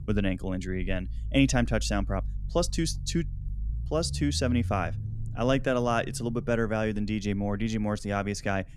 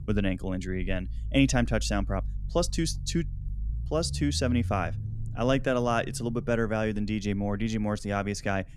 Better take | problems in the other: neither | low rumble; faint; throughout; 25 dB below the speech; the same in both

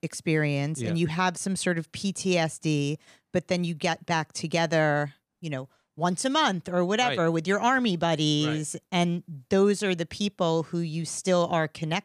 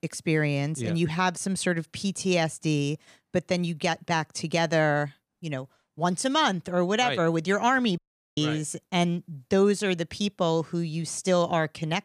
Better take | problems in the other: first | audio cutting out; at 8 s

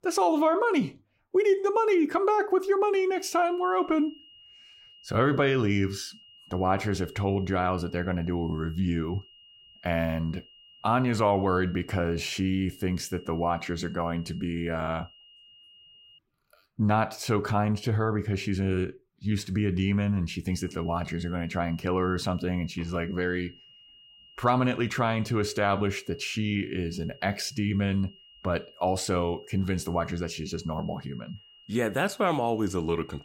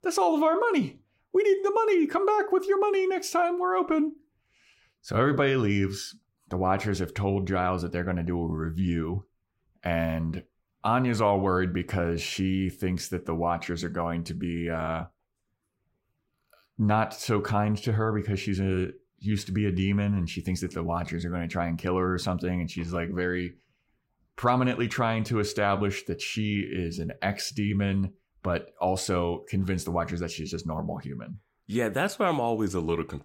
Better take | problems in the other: second | high-pitched whine; faint; from 3 to 16 s and from 21 s on; 3 kHz, 25 dB below the speech

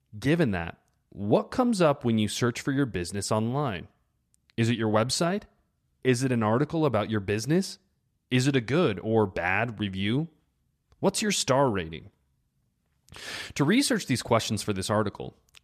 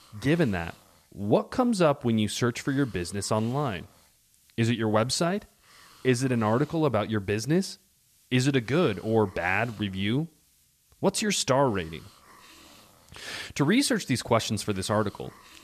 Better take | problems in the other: first | hiss; faint; throughout; 30 dB below the speech

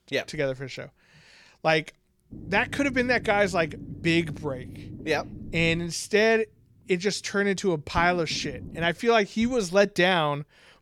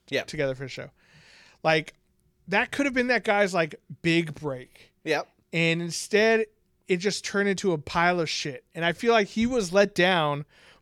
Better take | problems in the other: second | low rumble; faint; from 2.5 to 9 s; 25 dB below the speech

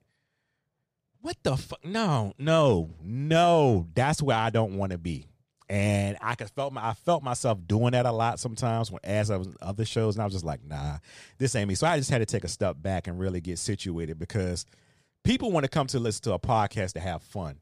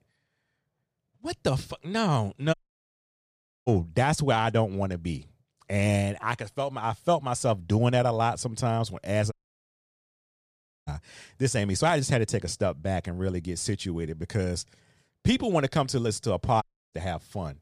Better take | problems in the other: first | audio cutting out; at 2.5 s for 1 s, at 9.5 s for 1.5 s and at 17 s

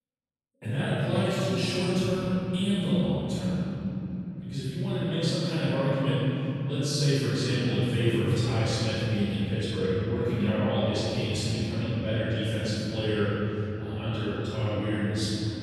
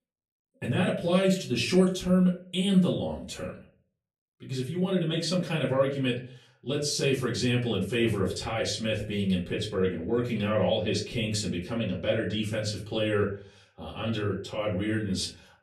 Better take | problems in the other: second | room echo; strong; dies away in 3 s; slight in the second // off-mic speech; far; far in the second

